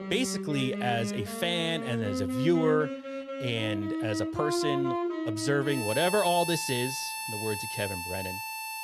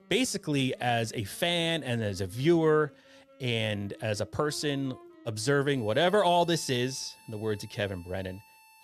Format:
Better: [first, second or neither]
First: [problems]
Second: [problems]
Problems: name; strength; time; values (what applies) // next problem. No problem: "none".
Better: second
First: background music; loud; throughout; 3 dB below the speech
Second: background music; faint; throughout; 25 dB below the speech